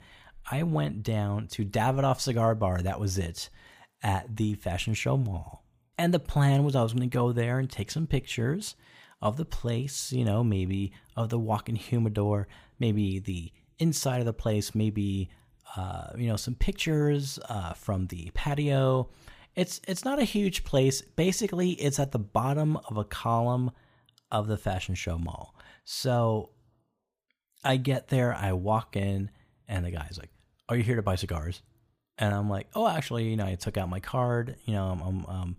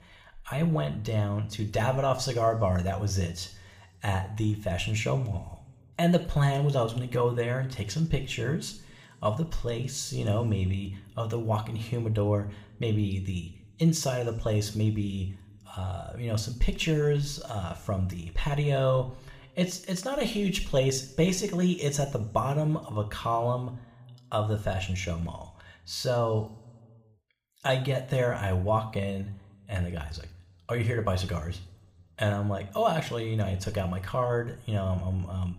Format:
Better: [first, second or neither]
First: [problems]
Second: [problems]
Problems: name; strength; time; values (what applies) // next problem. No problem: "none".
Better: first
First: none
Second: room echo; very slight; dies away in 0.7 s